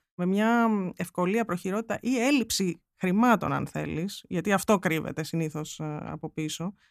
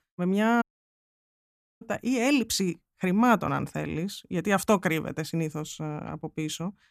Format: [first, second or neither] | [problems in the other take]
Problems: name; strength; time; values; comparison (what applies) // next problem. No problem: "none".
first | audio cutting out; at 0.5 s for 1 s